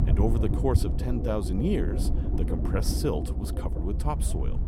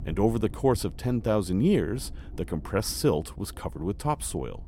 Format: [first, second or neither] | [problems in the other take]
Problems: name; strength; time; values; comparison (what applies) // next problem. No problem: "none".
second | low rumble; loud; throughout; 6 dB below the speech; faint in the second